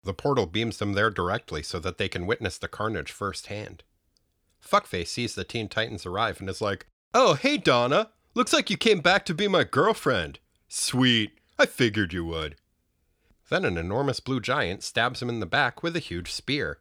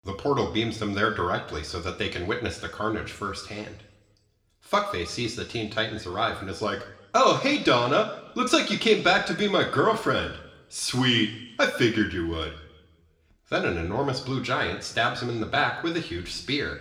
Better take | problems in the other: first | room echo; slight; dies away in 0.8 s // off-mic speech; somewhat distant

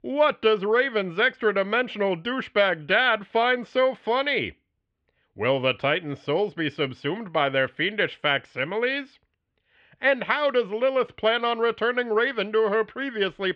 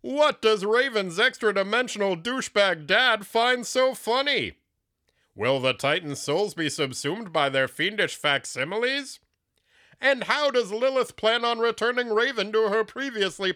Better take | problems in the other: second | muffled; very; fading above 3 kHz

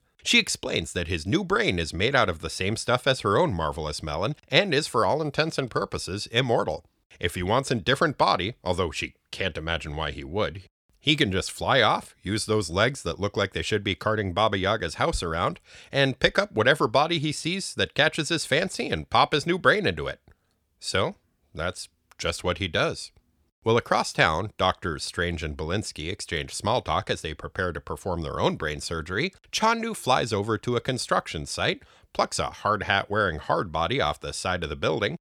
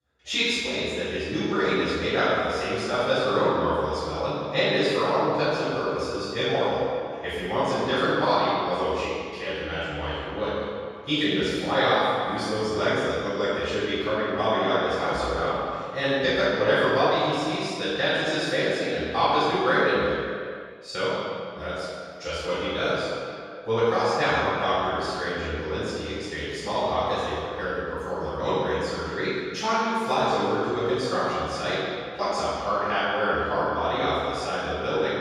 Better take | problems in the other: first | room echo; strong; dies away in 2.2 s // off-mic speech; far

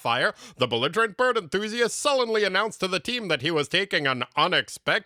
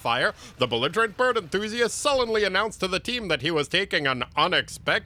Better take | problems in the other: first | traffic noise; faint; throughout; 25 dB below the speech

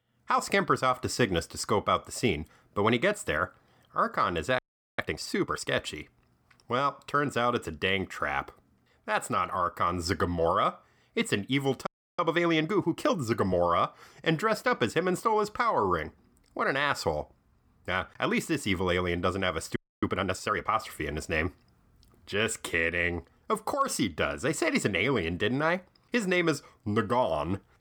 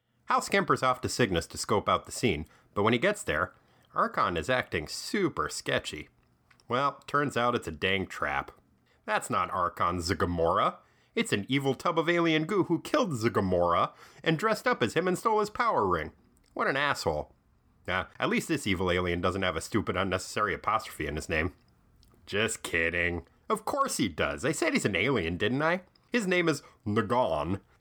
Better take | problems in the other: second | audio freezing; at 4.5 s, at 12 s and at 20 s

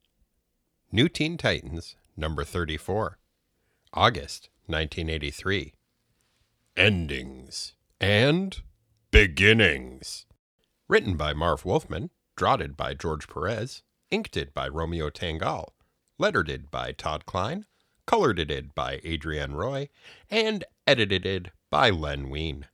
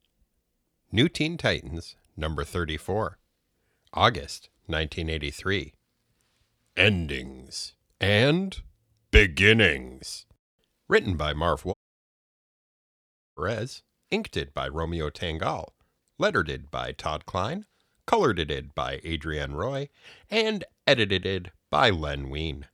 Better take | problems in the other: first | audio cutting out; at 12 s for 1.5 s

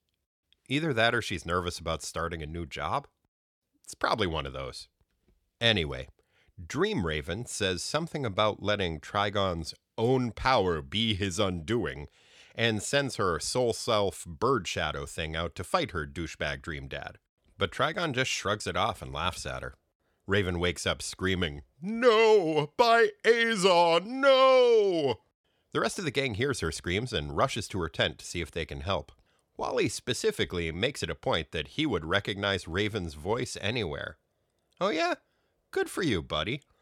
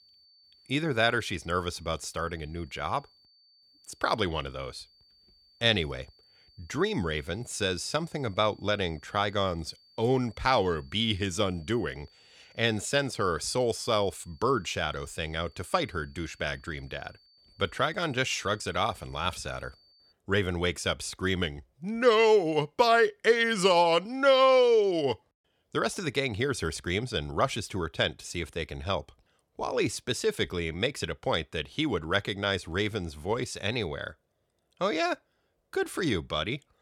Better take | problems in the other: first | high-pitched whine; faint; until 20 s; 4.5 kHz, 30 dB below the speech

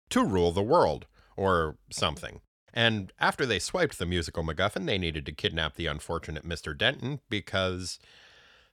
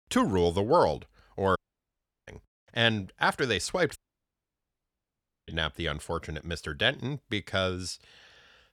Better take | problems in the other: first | audio cutting out; at 1.5 s for 0.5 s and at 4 s for 1.5 s

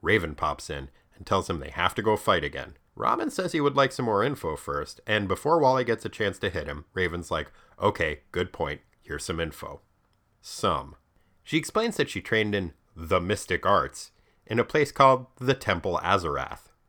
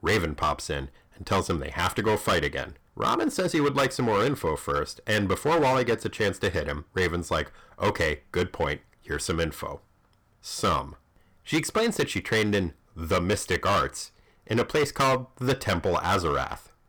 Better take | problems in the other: first | distortion; heavy; 9% of the sound clipped

